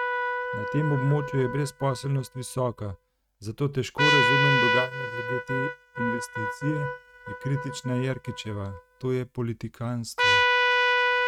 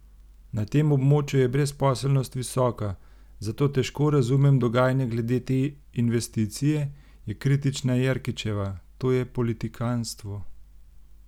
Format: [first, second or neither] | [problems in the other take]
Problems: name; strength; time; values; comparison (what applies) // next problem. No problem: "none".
second | noise reduction (neural mask model RNNoise)